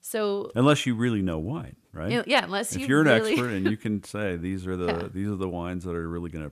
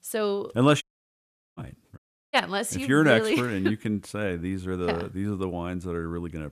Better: first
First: none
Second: audio cutting out; at 1 s for 1 s and at 2 s

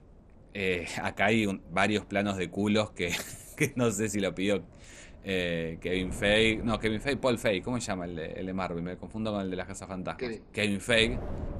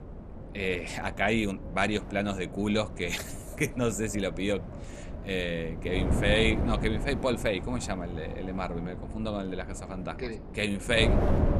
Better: first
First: wind noise on the microphone; occasional gusts; 25 dB below the speech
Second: wind noise on the microphone; heavy; 10 dB below the speech

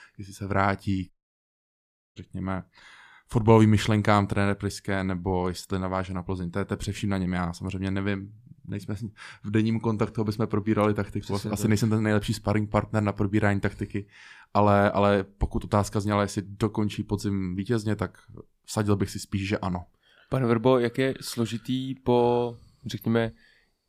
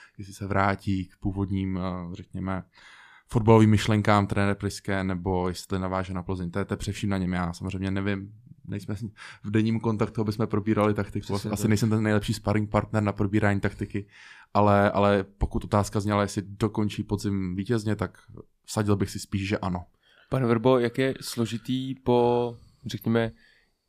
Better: second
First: audio cutting out; at 1 s for 1 s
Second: none

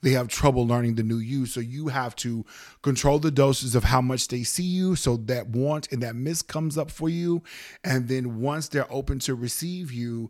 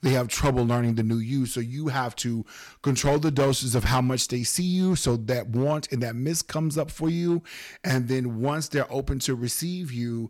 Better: first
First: none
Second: distortion; slight; 5% of the sound clipped

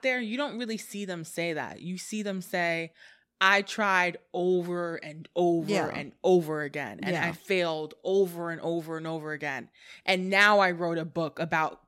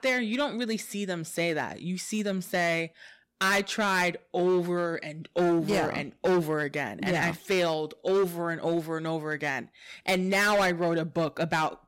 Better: first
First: none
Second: distortion; heavy; 8% of the sound clipped

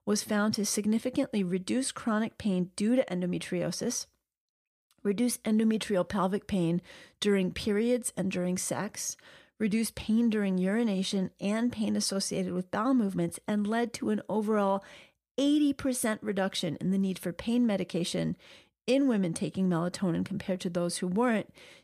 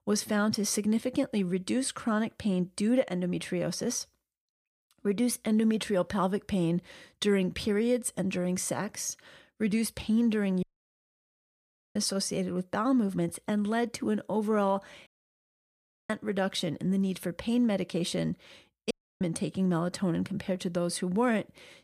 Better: first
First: none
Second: audio cutting out; at 11 s for 1.5 s, at 15 s for 1 s and at 19 s

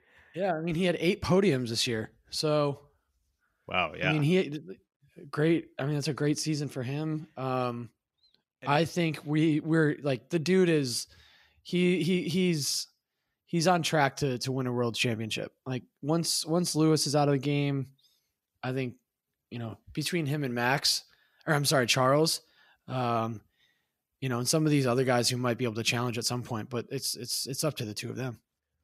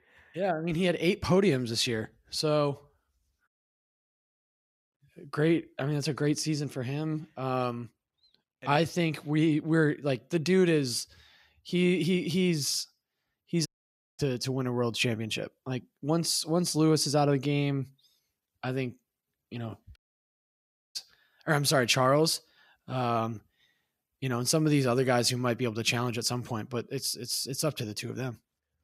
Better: first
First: none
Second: audio cutting out; at 3.5 s for 1.5 s, at 14 s for 0.5 s and at 20 s for 1 s

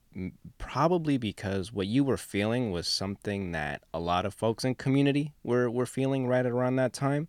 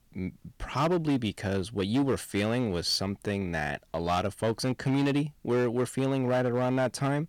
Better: first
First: none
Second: distortion; slight; 9% of the sound clipped

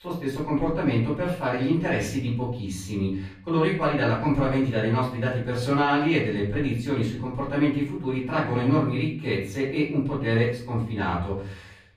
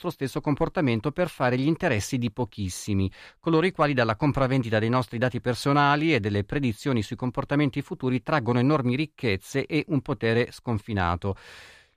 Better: second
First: off-mic speech; far // room echo; noticeable; dies away in 0.5 s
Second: none

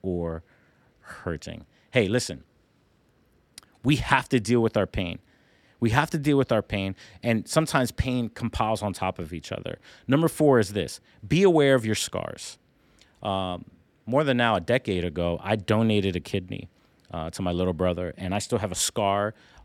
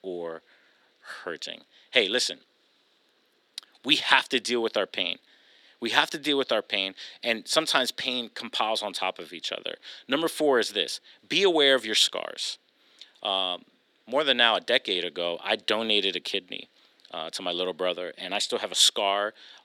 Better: first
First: none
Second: thin; somewhat; fading below 300 Hz

